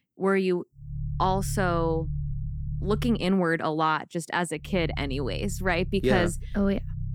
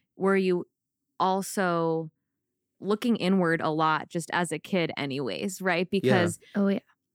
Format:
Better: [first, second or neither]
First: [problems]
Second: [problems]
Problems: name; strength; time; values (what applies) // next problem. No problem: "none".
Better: second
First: low rumble; noticeable; from 1 to 3 s and from 4.5 s on; 20 dB below the speech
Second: none